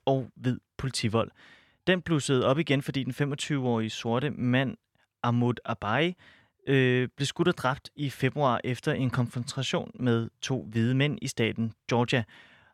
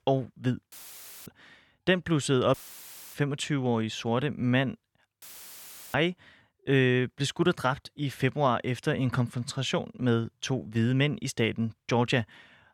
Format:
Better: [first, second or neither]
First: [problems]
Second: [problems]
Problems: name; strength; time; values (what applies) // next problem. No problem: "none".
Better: first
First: none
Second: audio cutting out; filled with static; at 0.5 s for 0.5 s, at 2.5 s for 0.5 s and at 5 s for 0.5 s